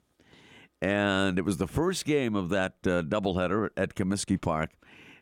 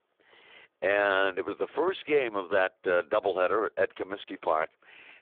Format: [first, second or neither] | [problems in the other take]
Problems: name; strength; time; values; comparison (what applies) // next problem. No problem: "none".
first | phone-call audio; poor line